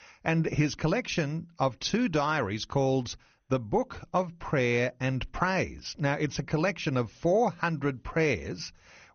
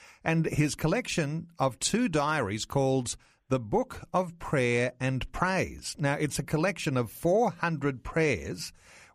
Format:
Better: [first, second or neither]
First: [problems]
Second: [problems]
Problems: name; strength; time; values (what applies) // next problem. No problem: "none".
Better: second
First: garbled, watery; slightly; nothing above 6.5 kHz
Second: none